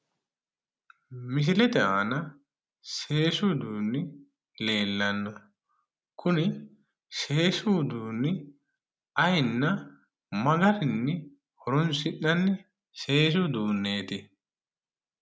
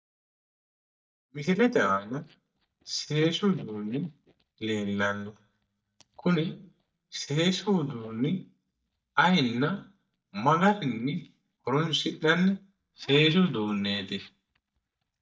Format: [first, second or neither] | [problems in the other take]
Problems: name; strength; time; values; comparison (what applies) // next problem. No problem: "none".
first | noise reduction (neural mask model DeepFilterNet 3)